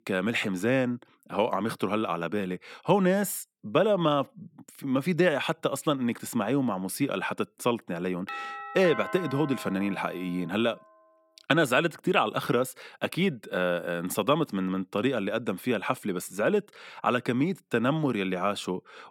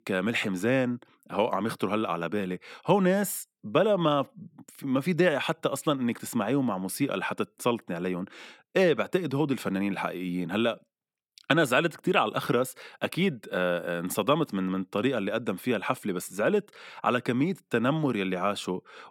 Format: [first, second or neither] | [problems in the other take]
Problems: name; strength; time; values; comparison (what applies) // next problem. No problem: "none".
second | doorbell; noticeable; from 8.5 to 11 s; peak 8 dB below the speech